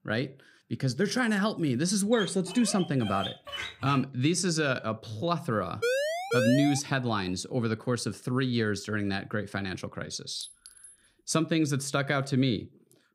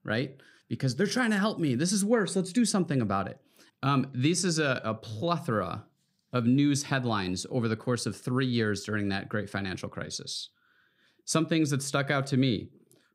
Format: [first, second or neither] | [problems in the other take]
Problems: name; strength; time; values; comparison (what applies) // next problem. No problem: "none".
second | dog barking; noticeable; from 2 to 4 s; peak 7 dB below the speech // siren; loud; at 6 s; peak 1 dB above the speech // clattering dishes; faint; at 10 s; peak 15 dB below the speech